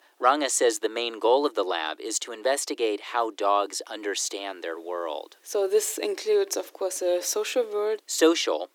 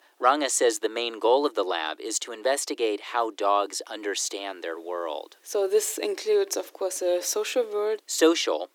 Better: neither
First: thin; very; fading below 300 Hz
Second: thin; very; fading below 300 Hz

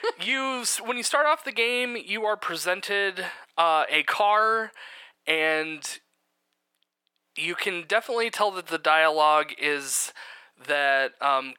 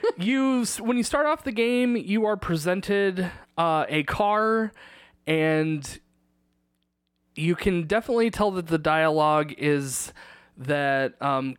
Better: second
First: thin; very; fading below 700 Hz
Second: none

